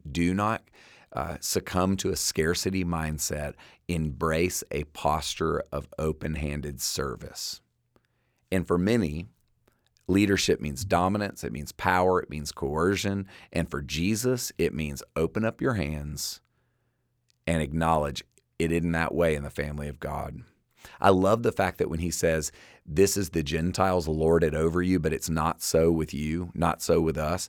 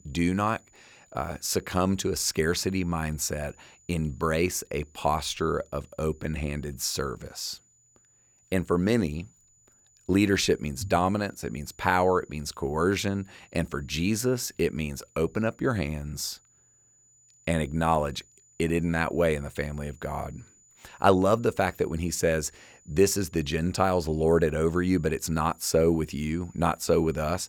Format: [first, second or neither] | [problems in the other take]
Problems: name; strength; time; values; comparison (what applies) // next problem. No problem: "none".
first | high-pitched whine; faint; throughout; 7 kHz, 30 dB below the speech